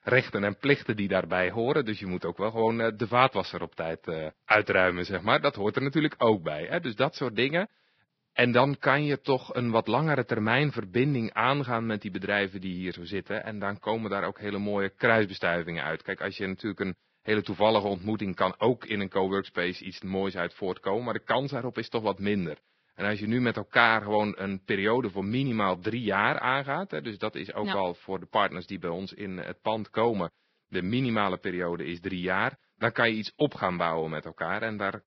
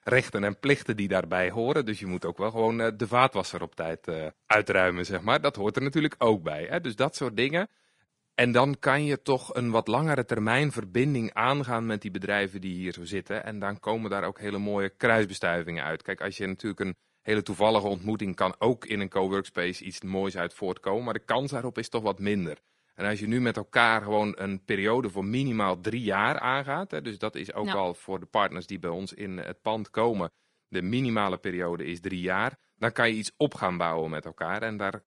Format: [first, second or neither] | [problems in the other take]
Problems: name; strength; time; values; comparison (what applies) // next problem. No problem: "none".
second | garbled, watery; badly; nothing above 5.5 kHz; slightly in the second